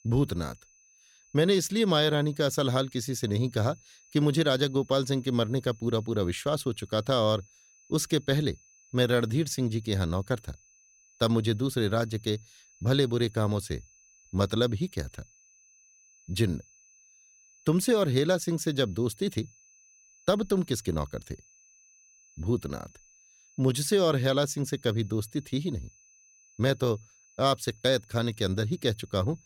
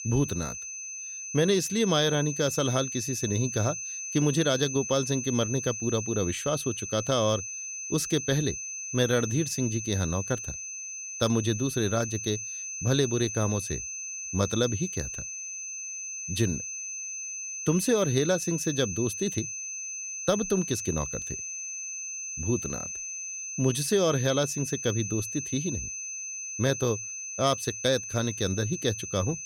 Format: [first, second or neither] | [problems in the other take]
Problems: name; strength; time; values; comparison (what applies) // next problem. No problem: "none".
first | high-pitched whine; loud; throughout; 6 kHz, 5 dB below the speech; faint in the first